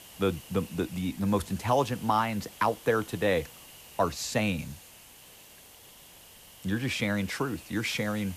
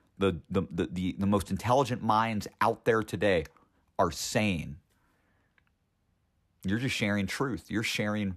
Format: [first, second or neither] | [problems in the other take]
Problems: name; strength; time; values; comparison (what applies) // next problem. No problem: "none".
second | hiss; noticeable; throughout; 20 dB below the speech